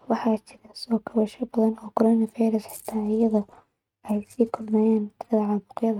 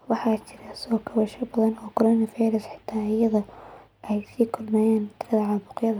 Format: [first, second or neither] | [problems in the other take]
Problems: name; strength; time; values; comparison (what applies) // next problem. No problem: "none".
second | noise reduction (neural mask model RNNoise)